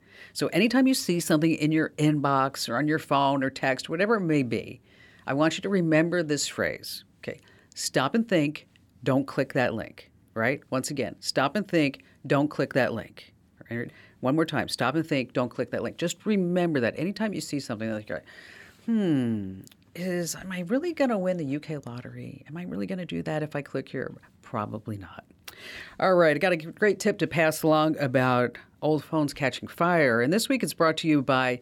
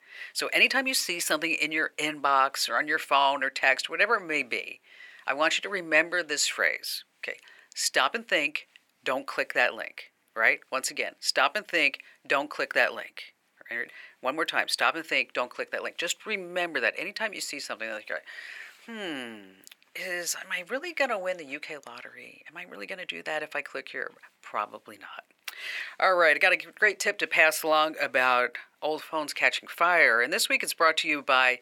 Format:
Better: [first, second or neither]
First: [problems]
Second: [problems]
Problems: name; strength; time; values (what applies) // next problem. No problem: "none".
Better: first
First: none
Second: thin; very; fading below 750 Hz